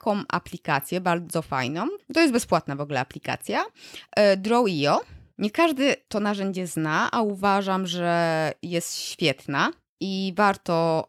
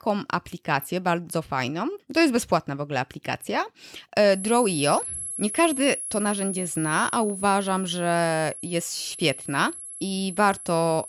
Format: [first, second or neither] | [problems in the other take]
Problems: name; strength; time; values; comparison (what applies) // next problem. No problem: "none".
first | high-pitched whine; loud; from 4.5 s on; 11 kHz, 7 dB below the speech